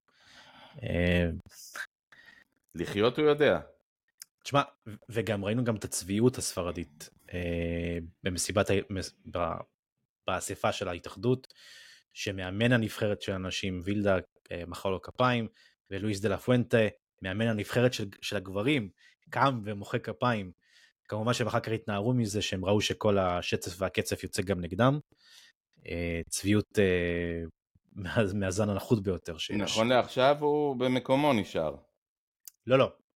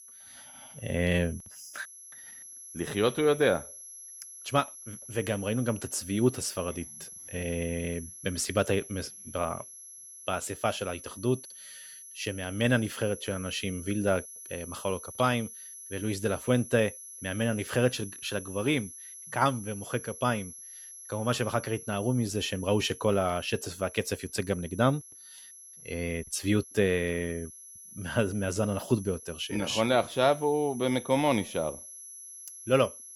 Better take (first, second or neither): first